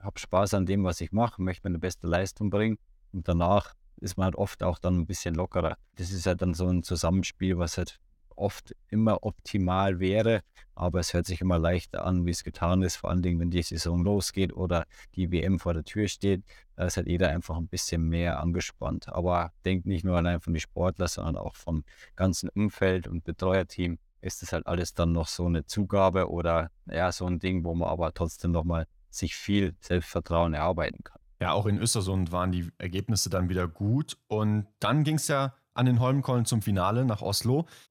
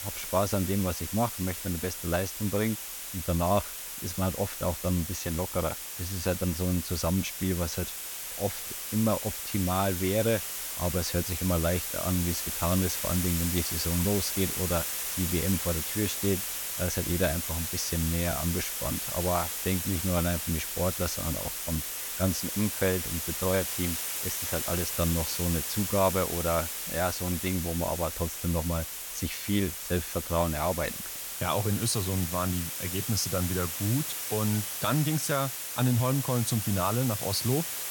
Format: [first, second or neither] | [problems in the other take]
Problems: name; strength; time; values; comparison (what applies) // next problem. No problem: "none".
first | hiss; loud; throughout; 2 dB below the speech